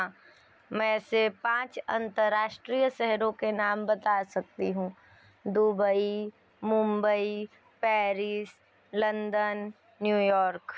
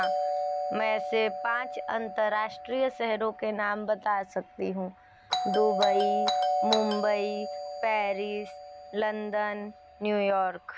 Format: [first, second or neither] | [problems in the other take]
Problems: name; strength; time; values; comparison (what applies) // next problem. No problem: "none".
first | background sound (Doorbell); 3 dB below the speech